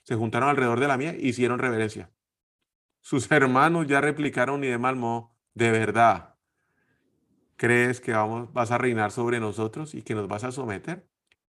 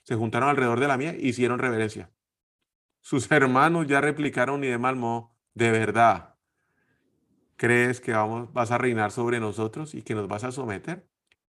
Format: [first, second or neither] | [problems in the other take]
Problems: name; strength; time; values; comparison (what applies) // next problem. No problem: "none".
neither | none